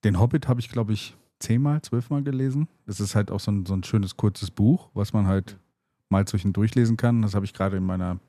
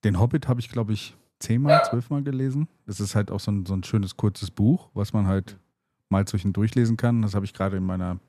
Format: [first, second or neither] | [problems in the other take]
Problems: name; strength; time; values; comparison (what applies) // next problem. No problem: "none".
first | dog barking; loud; at 1.5 s; peak 5 dB above the speech